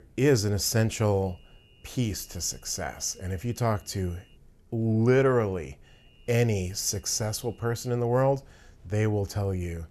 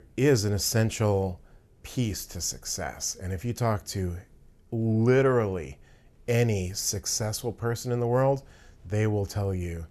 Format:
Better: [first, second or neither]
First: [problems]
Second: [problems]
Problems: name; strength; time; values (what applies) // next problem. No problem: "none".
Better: second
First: high-pitched whine; faint; from 1.5 to 4.5 s and from 6 to 8 s; 3 kHz, 35 dB below the speech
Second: none